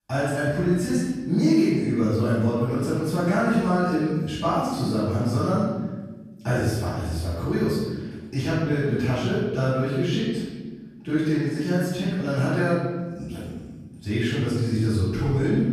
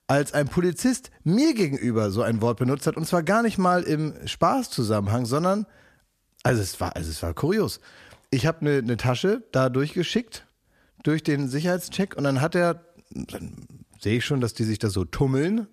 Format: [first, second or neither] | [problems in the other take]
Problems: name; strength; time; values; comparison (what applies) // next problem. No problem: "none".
second | off-mic speech; far // room echo; strong; dies away in 1.5 s